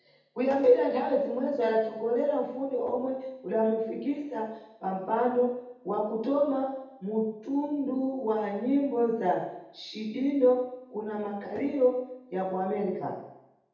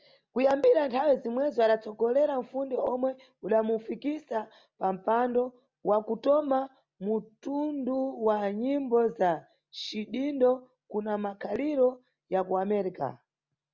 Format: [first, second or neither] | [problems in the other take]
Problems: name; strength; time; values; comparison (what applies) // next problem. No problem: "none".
second | room echo; dies away in 0.8 s